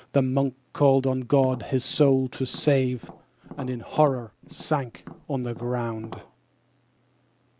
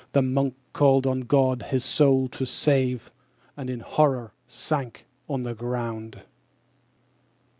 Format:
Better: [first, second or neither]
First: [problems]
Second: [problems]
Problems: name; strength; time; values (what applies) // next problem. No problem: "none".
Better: second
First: background sound (Tap); 19 dB below the speech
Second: none